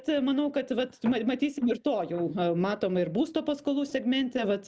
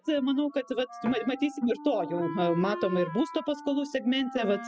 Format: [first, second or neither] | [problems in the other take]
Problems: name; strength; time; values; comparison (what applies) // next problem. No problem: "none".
first | noise reduction (classical method spectral subtraction)